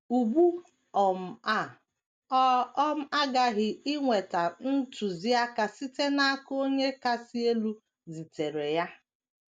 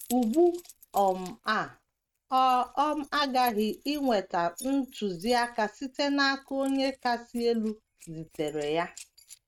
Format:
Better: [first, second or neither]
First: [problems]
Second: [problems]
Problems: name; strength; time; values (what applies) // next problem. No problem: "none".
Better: first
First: none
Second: noise reduction (neural mask model RNNoise)